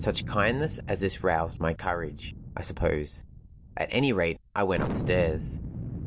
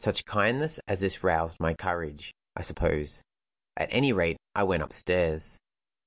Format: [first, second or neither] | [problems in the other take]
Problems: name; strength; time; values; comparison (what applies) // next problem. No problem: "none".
second | background sound (Thunder); 7 dB below the speech